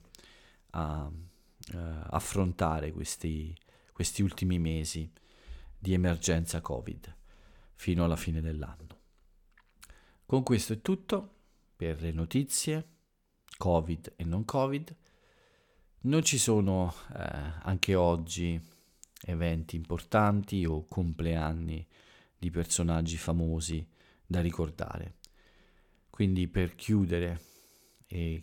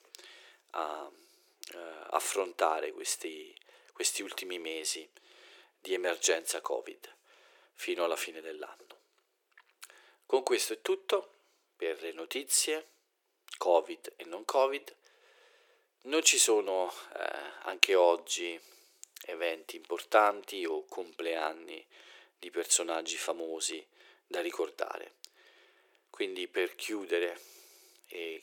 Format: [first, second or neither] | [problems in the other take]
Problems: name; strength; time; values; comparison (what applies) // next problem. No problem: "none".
first | thin; very; fading below 350 Hz